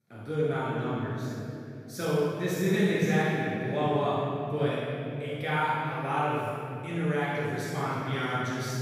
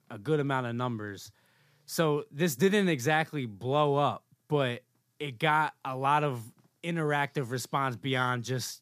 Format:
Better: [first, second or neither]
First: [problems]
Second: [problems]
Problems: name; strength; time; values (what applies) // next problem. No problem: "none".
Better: second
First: room echo; strong; dies away in 2.9 s // off-mic speech; far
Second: none